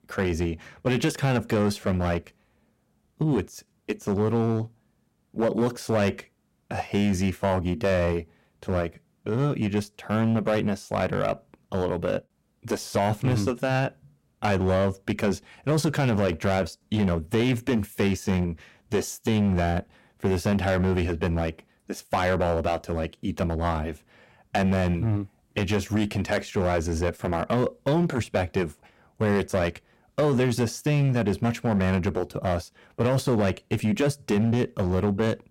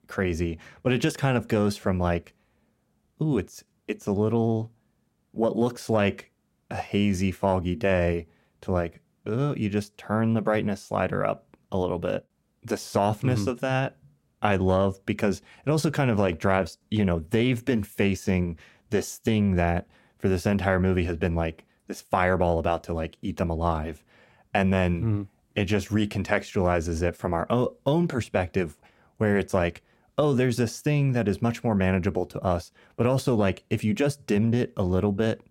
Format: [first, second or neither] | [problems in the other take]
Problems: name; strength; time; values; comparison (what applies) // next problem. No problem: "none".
second | distortion; slight; 7% of the sound clipped